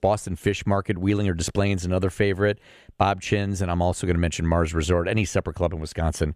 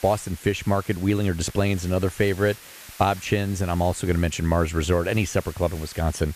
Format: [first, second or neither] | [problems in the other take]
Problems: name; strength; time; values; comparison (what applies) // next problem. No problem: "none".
first | hiss; noticeable; throughout; 20 dB below the speech